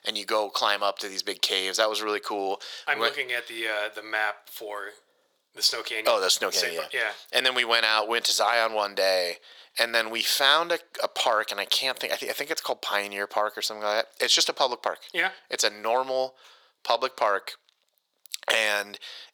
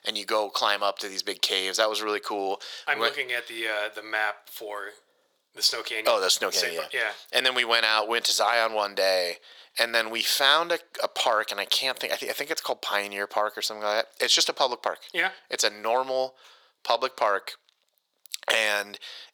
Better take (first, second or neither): neither